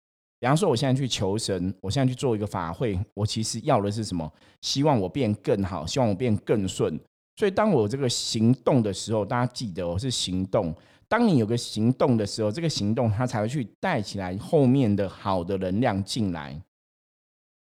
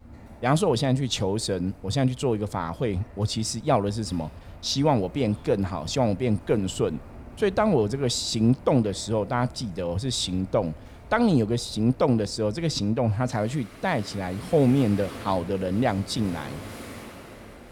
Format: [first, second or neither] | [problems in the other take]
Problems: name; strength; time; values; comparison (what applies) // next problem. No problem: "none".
first | rain or running water; noticeable; throughout; 20 dB below the speech